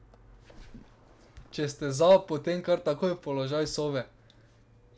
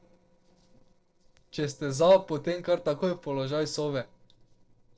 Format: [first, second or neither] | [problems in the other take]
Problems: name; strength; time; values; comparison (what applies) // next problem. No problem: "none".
first | noise reduction (neural separator model SepFormer DNS4)